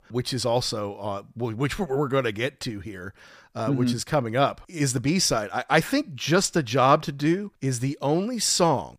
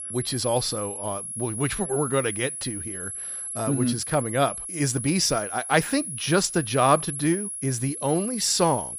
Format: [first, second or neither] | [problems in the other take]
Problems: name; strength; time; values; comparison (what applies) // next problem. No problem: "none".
first | high-pitched whine; loud; throughout; 11 kHz, 6 dB below the speech